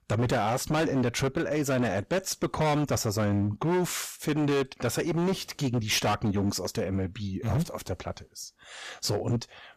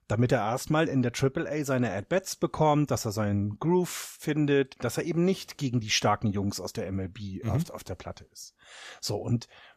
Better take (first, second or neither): second